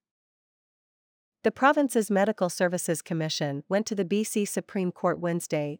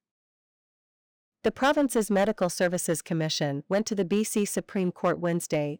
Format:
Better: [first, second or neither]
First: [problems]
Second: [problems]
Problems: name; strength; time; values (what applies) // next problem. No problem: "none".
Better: first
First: none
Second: distortion; slight; 4% of the sound clipped